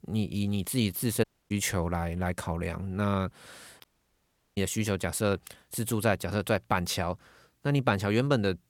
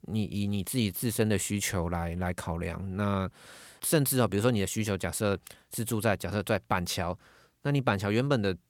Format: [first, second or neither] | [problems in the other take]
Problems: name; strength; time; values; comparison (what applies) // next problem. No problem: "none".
second | audio cutting out; at 1 s and at 4 s for 0.5 s